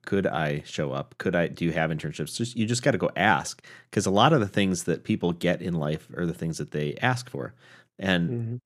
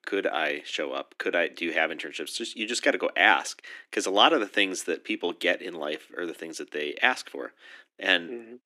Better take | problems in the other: first | thin; somewhat; fading below 300 Hz

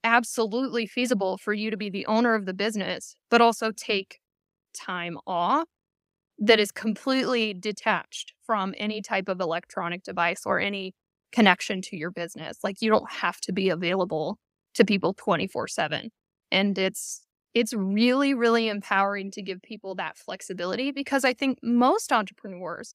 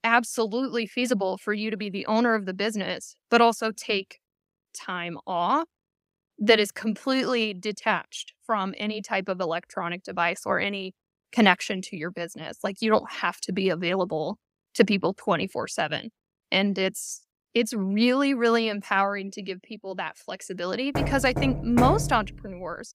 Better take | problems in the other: first | door banging; noticeable; from 21 to 22 s; peak level with the speech

